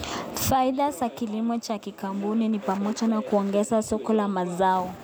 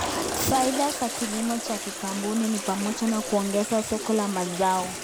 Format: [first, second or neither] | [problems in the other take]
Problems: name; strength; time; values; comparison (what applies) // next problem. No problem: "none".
first | background sound (Toilet flush); 6 dB below the speech